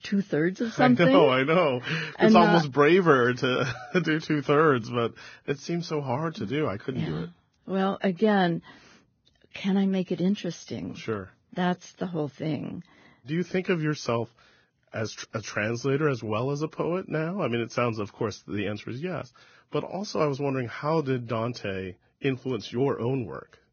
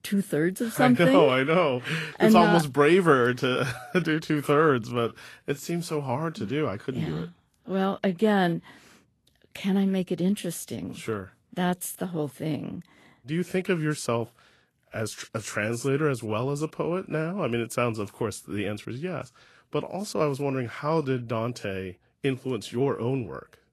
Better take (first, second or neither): second